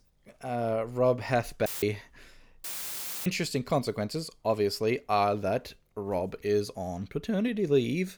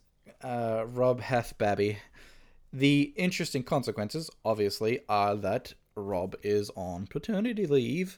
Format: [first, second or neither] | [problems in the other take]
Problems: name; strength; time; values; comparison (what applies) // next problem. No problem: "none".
second | audio cutting out; filled with static; at 1.5 s and at 2.5 s for 0.5 s